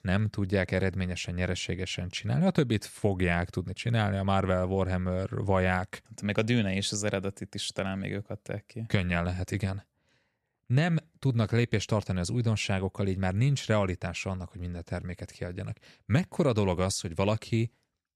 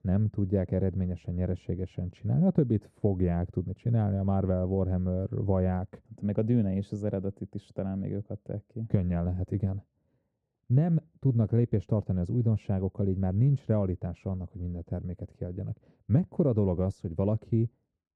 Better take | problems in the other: first | muffled; very; fading above 1 kHz

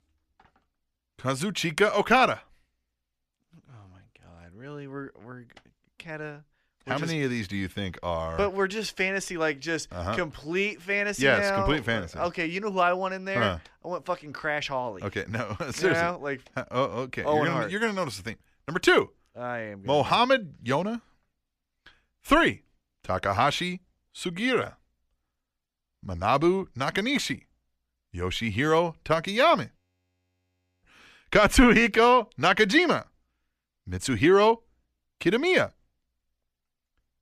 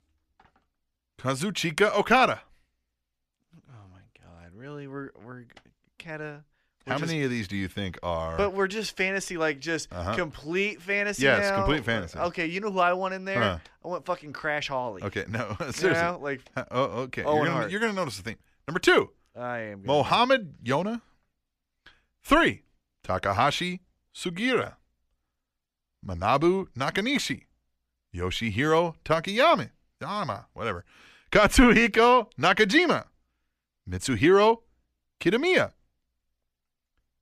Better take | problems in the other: second | audio freezing; at 30 s for 1 s

